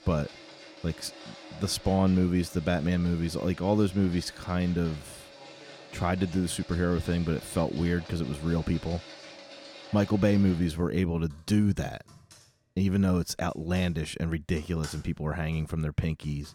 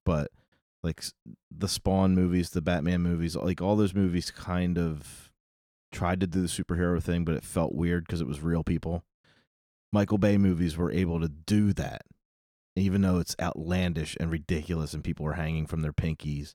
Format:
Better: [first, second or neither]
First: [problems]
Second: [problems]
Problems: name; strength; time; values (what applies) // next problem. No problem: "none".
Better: second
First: household noises; noticeable; throughout; 20 dB below the speech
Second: none